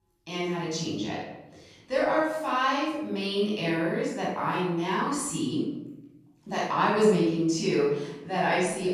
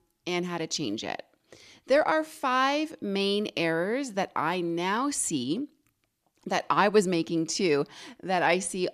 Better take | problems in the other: second | off-mic speech; far // room echo; strong; dies away in 0.9 s

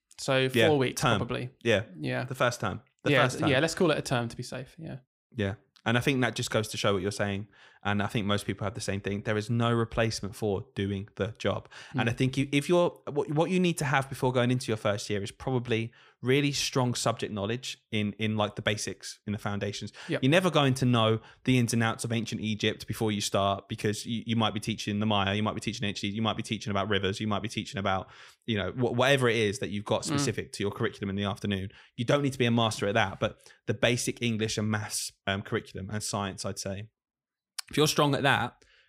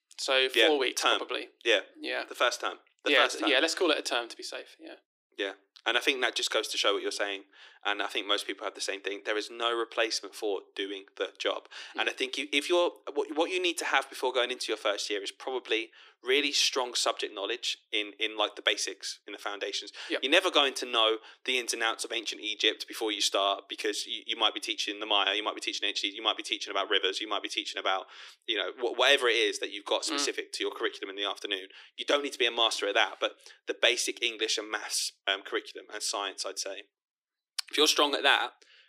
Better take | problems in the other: first | thin; very; fading below 300 Hz

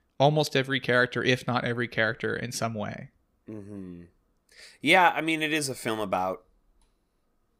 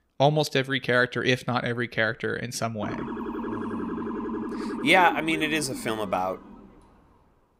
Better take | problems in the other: first | siren; noticeable; from 3 to 6.5 s; peak 7 dB below the speech

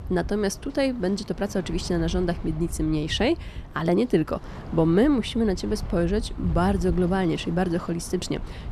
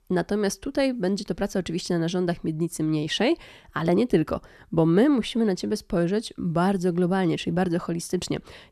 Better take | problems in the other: second | wind noise on the microphone; occasional gusts; 20 dB below the speech

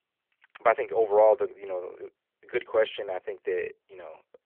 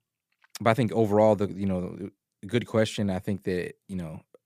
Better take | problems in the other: second | phone-call audio; nothing above 3.5 kHz

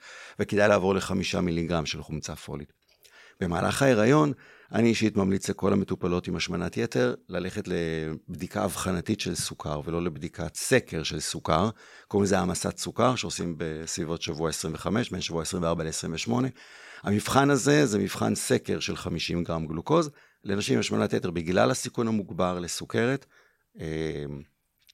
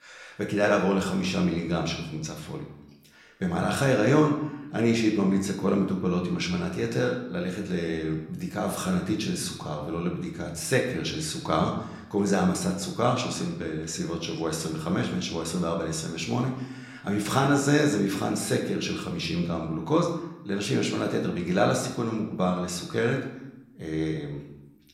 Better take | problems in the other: first | room echo; slight; dies away in 0.7 s // off-mic speech; somewhat distant

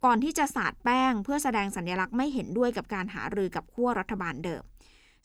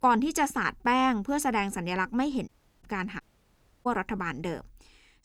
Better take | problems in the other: first | audio cutting out; at 2.5 s and at 3 s for 0.5 s

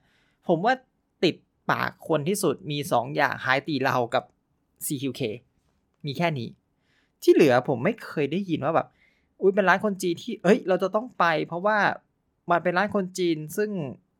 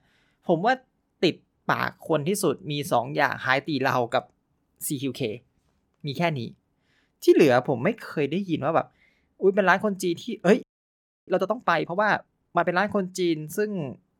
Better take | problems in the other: first | audio freezing; at 11 s for 0.5 s

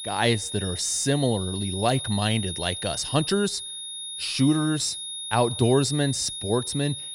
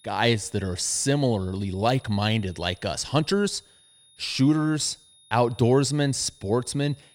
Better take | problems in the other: second | high-pitched whine; loud; throughout; 3.5 kHz, 7 dB below the speech; faint in the second

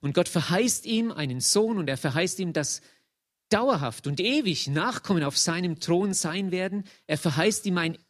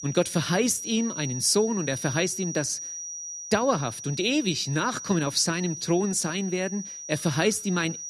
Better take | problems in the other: first | high-pitched whine; loud; throughout; 6 kHz, 9 dB below the speech

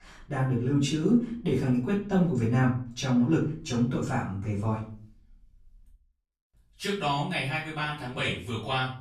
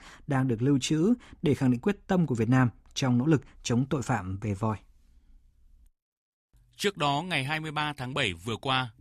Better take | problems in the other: second | off-mic speech; far // room echo; slight; dies away in 0.4 s

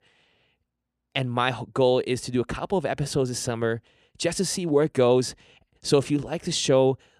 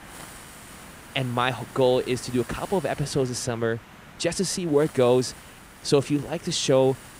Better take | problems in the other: first | hiss; noticeable; throughout; 20 dB below the speech

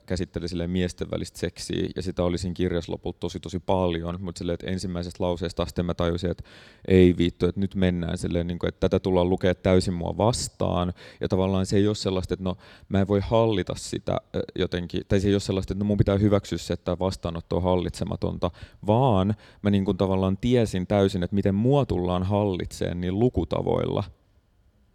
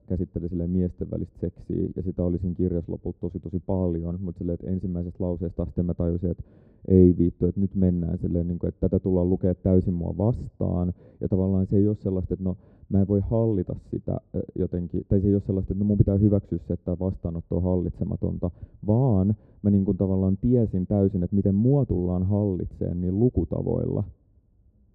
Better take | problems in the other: first | muffled; very; fading above 1 kHz

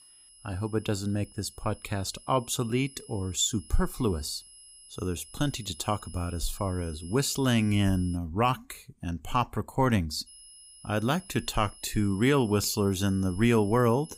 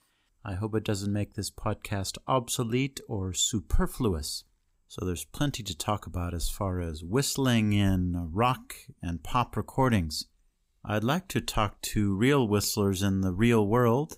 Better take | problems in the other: second | high-pitched whine; noticeable; until 8 s and from 10 s on; 10.5 kHz, 20 dB below the speech

